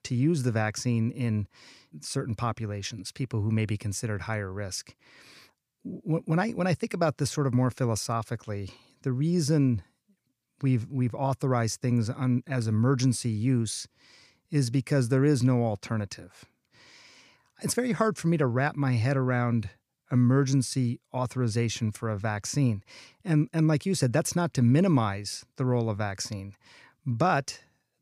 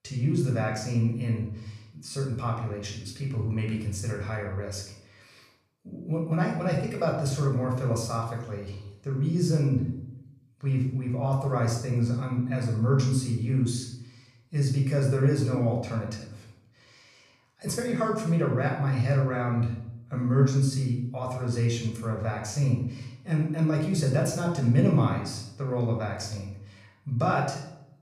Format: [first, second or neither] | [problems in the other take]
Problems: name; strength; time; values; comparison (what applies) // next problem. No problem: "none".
first | off-mic speech; somewhat distant // room echo; noticeable; dies away in 0.6 s